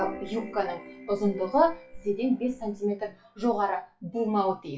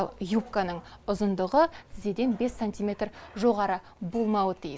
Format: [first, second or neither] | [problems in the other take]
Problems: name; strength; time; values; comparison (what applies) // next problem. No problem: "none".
second | noise reduction (classical method WPE with log-MMSE)